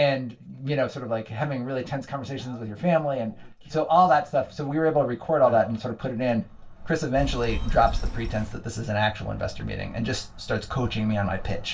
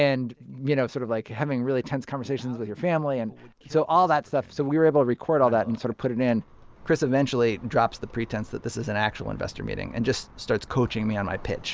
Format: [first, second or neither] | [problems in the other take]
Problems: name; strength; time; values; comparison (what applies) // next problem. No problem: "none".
second | background sound (Telephone); 2 dB below the speech // room echo; dies away in 0.2 s